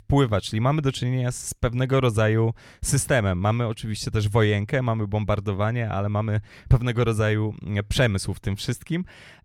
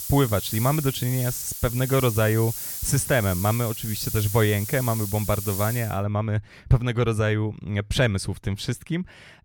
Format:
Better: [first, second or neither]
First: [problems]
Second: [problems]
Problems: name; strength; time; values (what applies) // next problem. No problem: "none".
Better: first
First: none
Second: hiss; loud; until 6 s; 6 dB below the speech